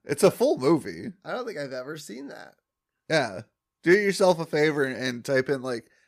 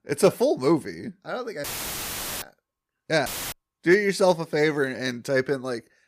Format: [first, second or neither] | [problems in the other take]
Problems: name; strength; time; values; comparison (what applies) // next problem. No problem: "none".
first | audio cutting out; filled with static; at 1.5 s for 1 s and at 3.5 s